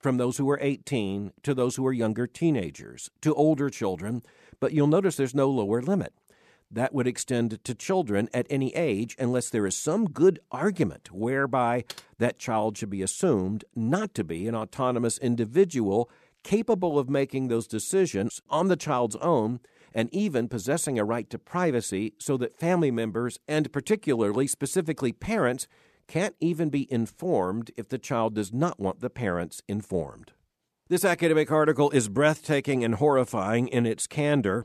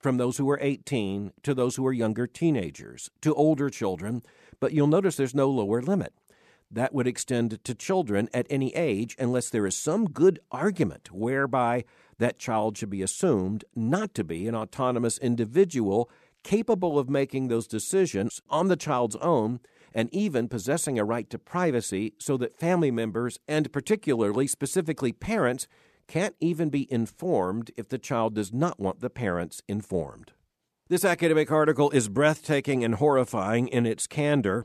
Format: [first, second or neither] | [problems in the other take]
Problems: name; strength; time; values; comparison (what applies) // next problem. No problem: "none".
second | keyboard typing; faint; at 12 s; peak 15 dB below the speech